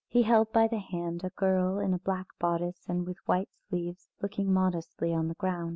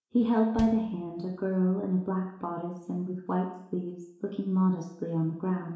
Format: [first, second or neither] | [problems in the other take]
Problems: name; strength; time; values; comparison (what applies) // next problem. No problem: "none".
first | background sound (Bass drum); 19 dB below the speech // room echo; dies away in 0.7 s